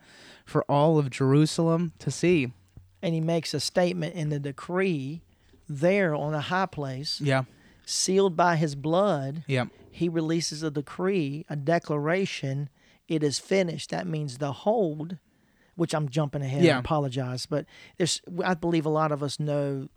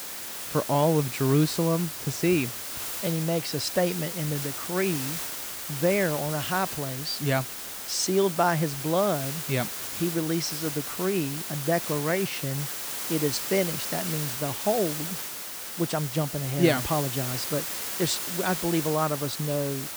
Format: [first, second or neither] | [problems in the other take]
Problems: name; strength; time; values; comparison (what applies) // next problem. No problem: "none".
first | hiss; loud; throughout; 4 dB below the speech